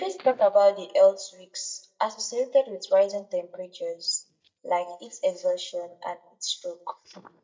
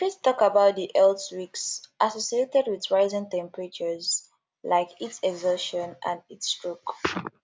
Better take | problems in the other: second | noise reduction (neural mask model DeepFilterNet 3)

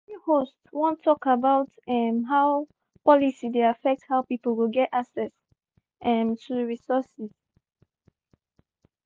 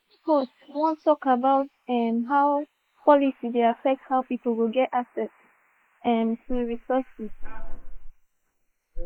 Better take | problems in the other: first | noise reduction (neural mask model Resemble Enhance denoiser)

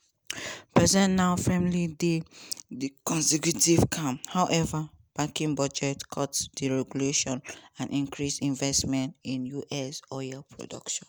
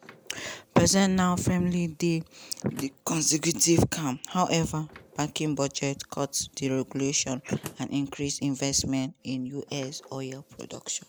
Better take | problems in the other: first | background sound (Slam); 17 dB below the speech

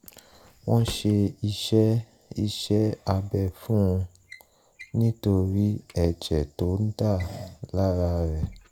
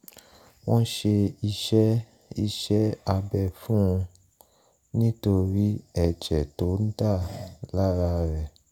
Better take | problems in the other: second | background sound (Drawer open or close); 20 dB below the speech

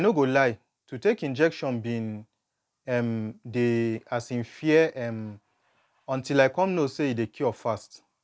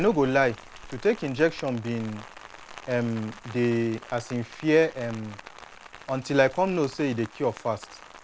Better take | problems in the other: first | background sound (Rain); 18 dB below the speech

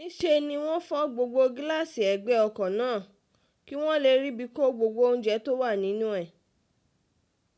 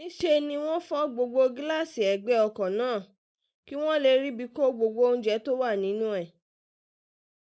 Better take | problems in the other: first | noise reduction (neural mask model Resemble Enhance denoiser)

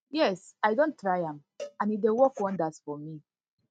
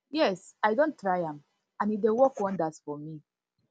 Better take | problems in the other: second | noise reduction (neural mask model RNNoise)

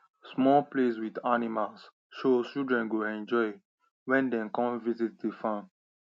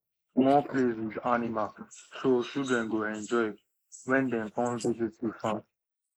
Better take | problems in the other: first | noise reduction (neural mask model Resemble Enhance denoiser)

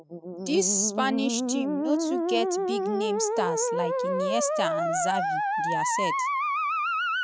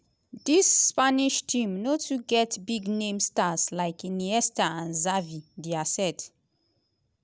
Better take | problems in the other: second | noise reduction (classical method spectral subtraction)

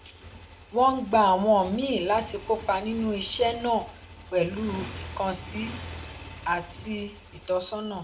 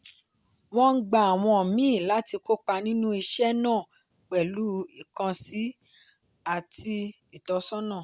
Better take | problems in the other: second | background sound (Motorcycle); 15 dB below the speech // room echo; dies away in 0.4 s

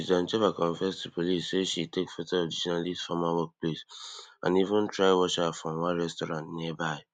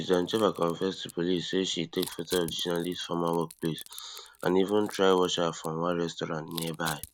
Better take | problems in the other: first | background sound (Crushing); 18 dB below the speech

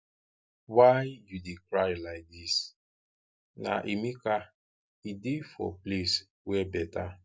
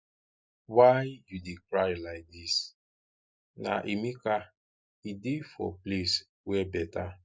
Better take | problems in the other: first | noise reduction (neural mask model Resemble Enhance denoiser)

